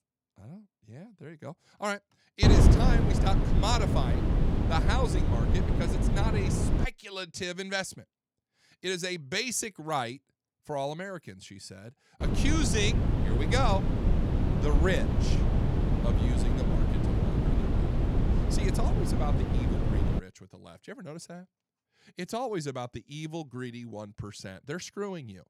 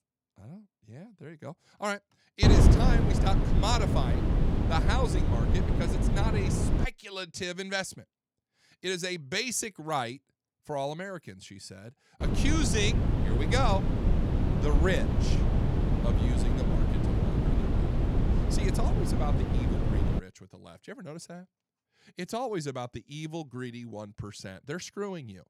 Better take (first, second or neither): neither